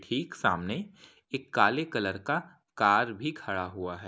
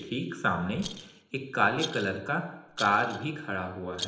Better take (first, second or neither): first